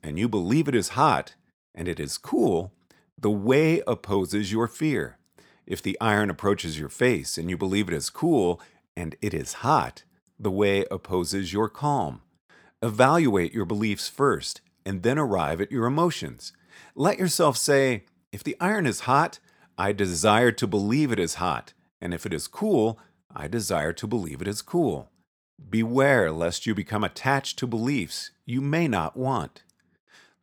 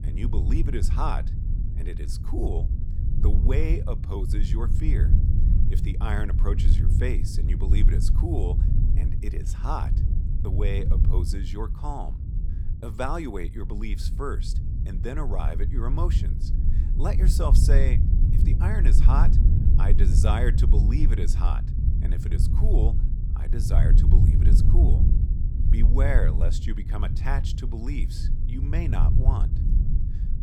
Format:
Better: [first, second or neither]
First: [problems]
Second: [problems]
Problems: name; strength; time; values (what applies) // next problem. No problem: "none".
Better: first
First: none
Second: low rumble; loud; throughout; 5 dB below the speech